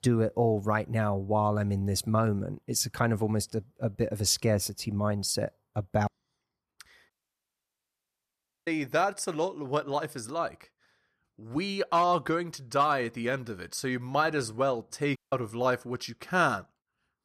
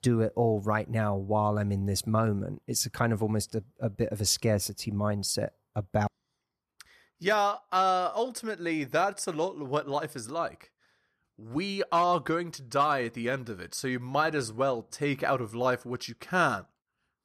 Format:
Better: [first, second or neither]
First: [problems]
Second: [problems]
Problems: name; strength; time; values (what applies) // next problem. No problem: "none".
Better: second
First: audio cutting out; at 7 s for 1.5 s and at 15 s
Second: none